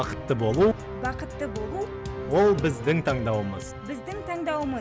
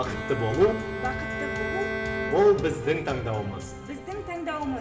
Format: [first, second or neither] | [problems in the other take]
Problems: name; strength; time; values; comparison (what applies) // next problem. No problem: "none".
first | background sound (Bowed string instrument); 9 dB below the speech // room echo; dies away in 2.3 s